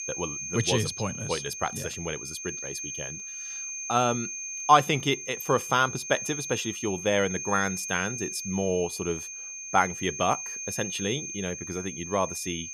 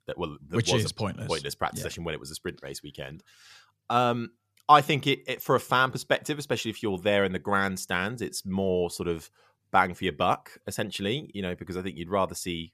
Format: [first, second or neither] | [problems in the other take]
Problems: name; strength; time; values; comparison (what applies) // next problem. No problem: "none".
second | high-pitched whine; loud; throughout; 6.5 kHz, 6 dB below the speech